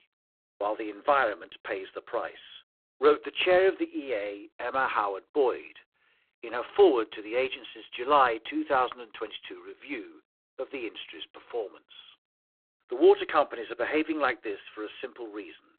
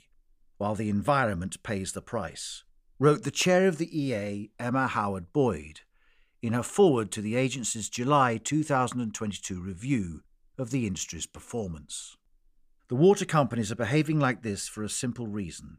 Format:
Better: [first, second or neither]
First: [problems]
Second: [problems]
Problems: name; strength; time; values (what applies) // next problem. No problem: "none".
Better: second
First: phone-call audio; poor line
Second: none